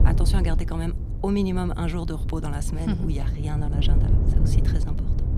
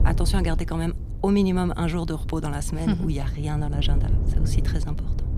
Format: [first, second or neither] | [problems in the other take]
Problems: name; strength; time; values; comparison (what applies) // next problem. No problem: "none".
second | wind noise on the microphone; heavy; 6 dB below the speech; occasional gusts in the second